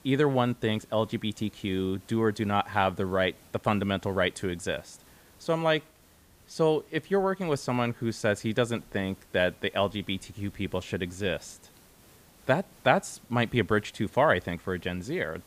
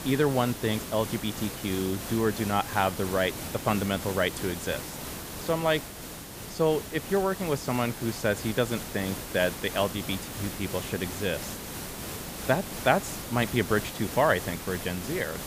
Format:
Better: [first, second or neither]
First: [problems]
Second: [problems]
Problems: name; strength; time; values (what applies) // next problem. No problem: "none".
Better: first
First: hiss; faint; throughout; 25 dB below the speech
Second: hiss; loud; throughout; 8 dB below the speech